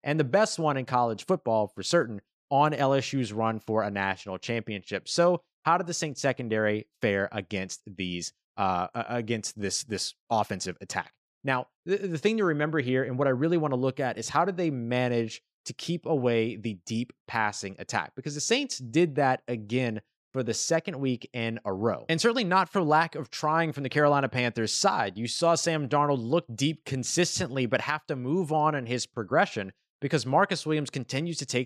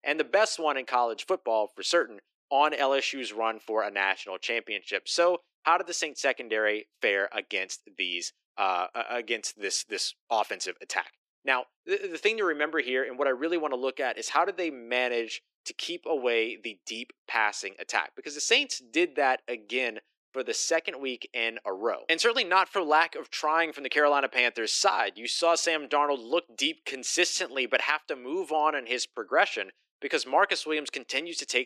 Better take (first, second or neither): first